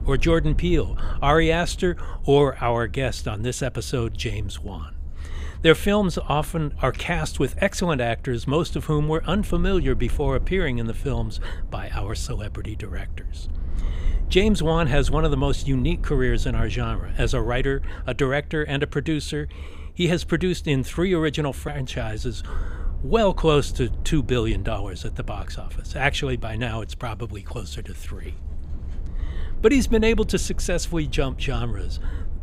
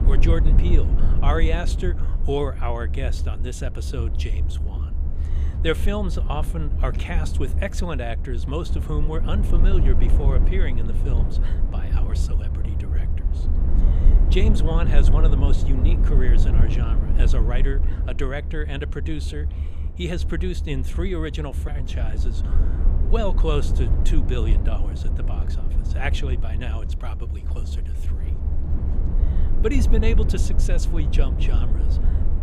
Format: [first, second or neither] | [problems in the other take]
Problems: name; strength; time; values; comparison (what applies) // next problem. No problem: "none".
first | low rumble; loud; throughout; 8 dB below the speech; faint in the first